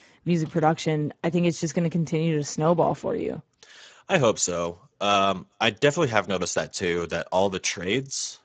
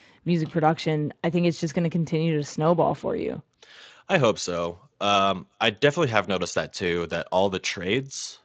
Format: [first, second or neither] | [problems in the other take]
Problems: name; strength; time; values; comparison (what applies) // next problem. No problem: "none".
second | garbled, watery; badly; slightly in the second